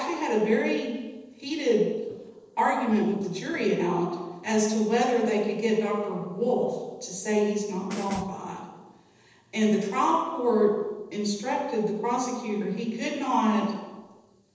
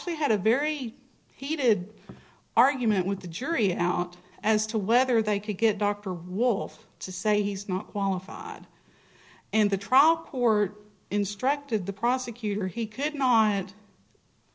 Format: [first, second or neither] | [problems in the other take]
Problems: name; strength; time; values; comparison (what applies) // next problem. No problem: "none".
second | noise reduction (neural separator model SepFormer DNS4)